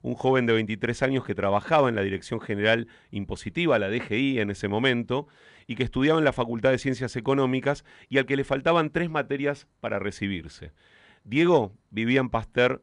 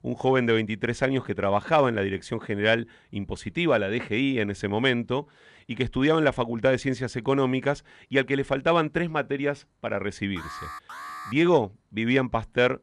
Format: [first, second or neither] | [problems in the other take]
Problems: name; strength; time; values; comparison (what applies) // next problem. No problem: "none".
first | alarm; faint; at 10 s; peak 10 dB below the speech